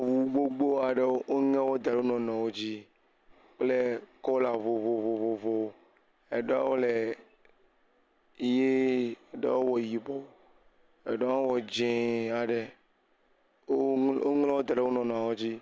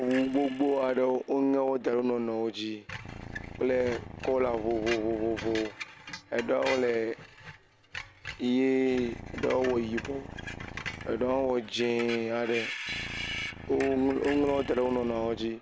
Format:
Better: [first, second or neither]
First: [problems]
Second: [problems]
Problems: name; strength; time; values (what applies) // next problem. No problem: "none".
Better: first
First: none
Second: background sound (Purr + Screech); 11 dB below the speech